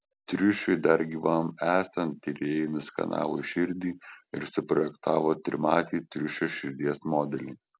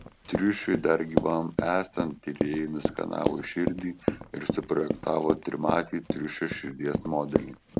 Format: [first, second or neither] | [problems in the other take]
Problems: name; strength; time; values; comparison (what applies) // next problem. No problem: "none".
first | background sound (Run); 3 dB below the speech